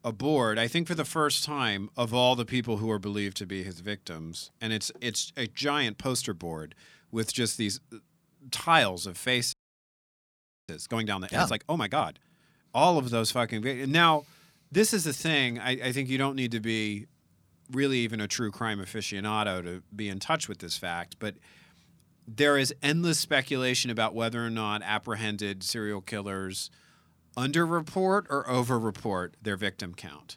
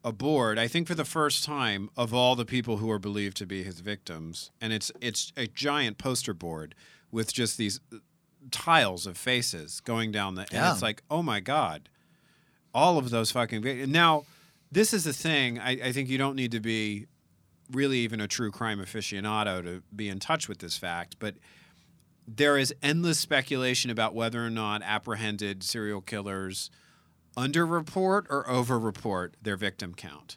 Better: second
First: audio freezing; at 9.5 s for 1 s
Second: none

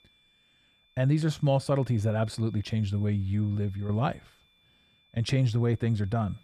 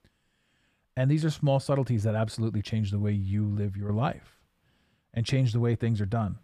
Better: second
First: high-pitched whine; faint; throughout; 3.5 kHz, 35 dB below the speech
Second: none

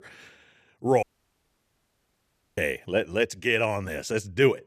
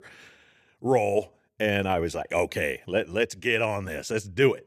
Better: second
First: audio cutting out; at 1 s for 1.5 s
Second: none

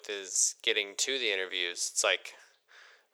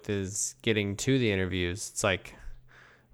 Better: second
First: thin; very; fading below 450 Hz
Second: none

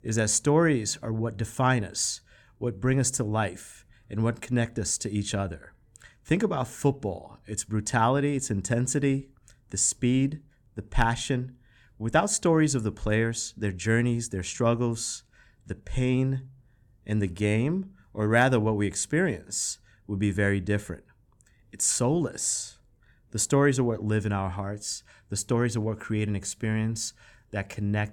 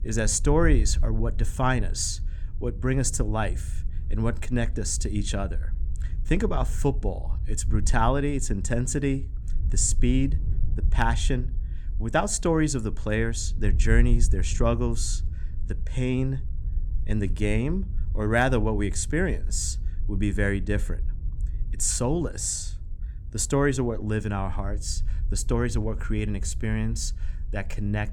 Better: first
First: none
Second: wind noise on the microphone; occasional gusts; 20 dB below the speech

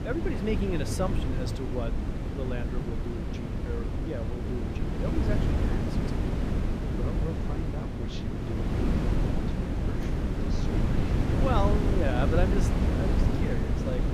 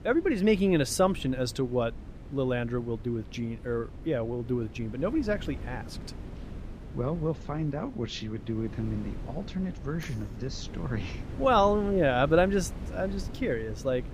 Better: second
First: wind noise on the microphone; heavy; as loud as the speech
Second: wind noise on the microphone; occasional gusts; 20 dB below the speech

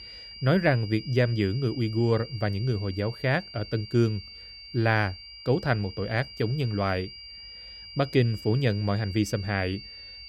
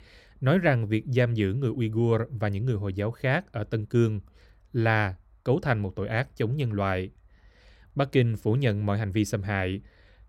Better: second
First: high-pitched whine; noticeable; throughout; 4.5 kHz, 15 dB below the speech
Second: none

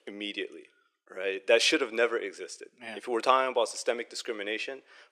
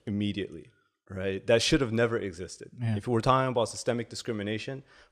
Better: second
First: thin; very; fading below 350 Hz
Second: none

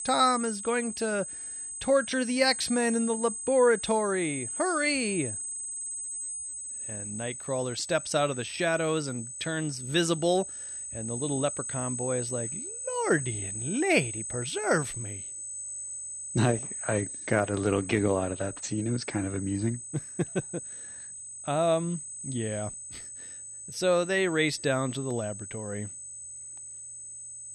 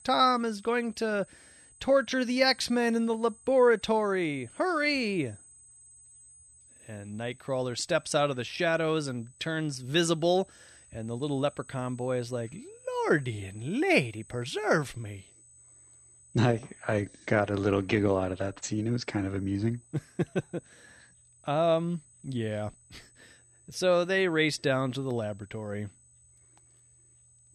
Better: second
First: high-pitched whine; loud; throughout; 8 kHz, 7 dB below the speech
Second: high-pitched whine; faint; throughout; 8 kHz, 25 dB below the speech

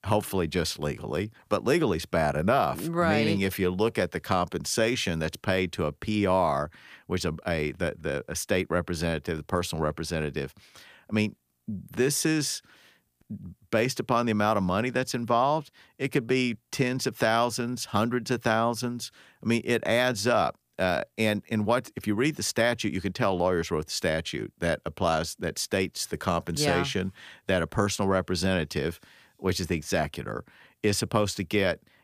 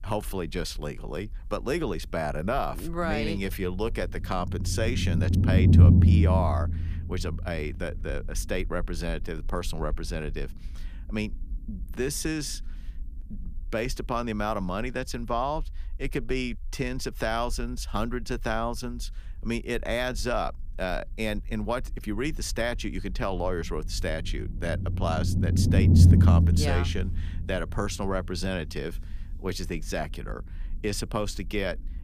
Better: first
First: none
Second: low rumble; loud; throughout; 3 dB below the speech

